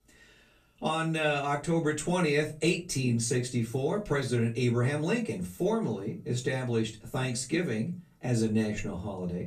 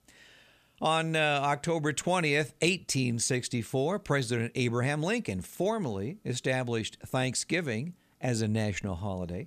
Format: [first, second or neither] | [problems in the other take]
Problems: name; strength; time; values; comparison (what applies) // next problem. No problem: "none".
second | off-mic speech; far // room echo; very slight; dies away in 0.2 s